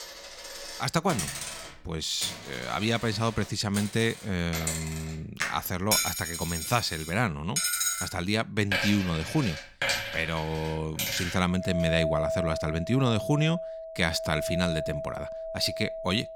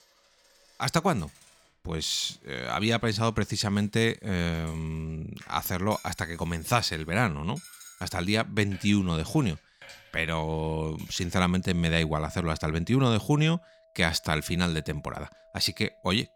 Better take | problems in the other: second | household noises; loud; throughout; 3 dB below the speech; faint in the second

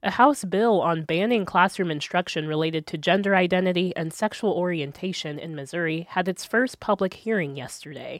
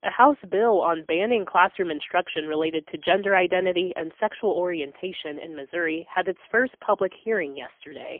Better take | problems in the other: first | phone-call audio; poor line; nothing above 3.5 kHz

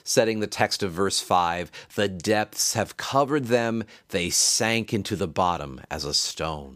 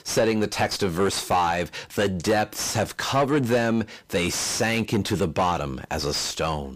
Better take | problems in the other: first | distortion; heavy; 6 dB below the speech

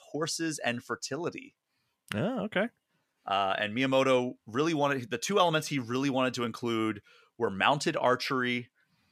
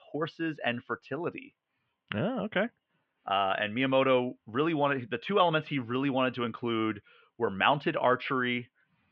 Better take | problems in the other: first | muffled; very; fading above 3 kHz

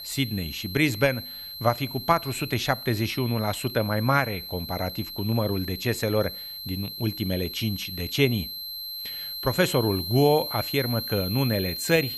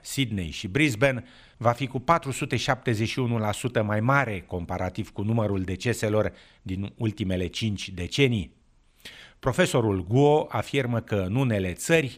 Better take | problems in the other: second | high-pitched whine; loud; throughout; 4 kHz, 7 dB below the speech

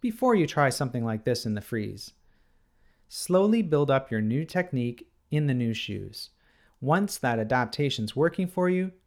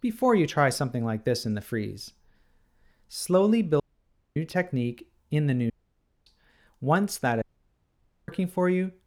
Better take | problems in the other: first | audio cutting out; at 4 s for 0.5 s, at 5.5 s for 0.5 s and at 7.5 s for 1 s

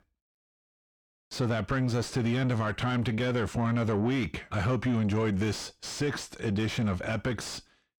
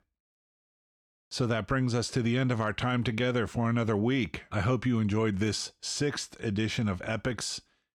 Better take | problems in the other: second | distortion; slight; 10 dB below the speech

